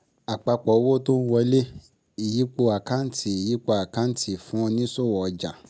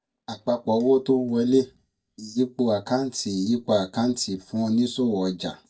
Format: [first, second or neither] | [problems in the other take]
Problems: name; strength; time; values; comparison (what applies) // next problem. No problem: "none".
first | noise reduction (neural mask model DeepFilterNet 3)